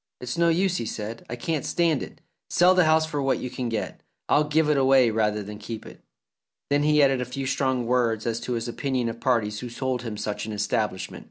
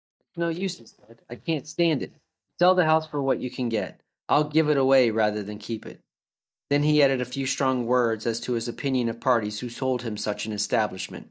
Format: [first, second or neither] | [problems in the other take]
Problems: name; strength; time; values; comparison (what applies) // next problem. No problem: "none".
first | noise reduction (neural mask model DeepFilterNet 3)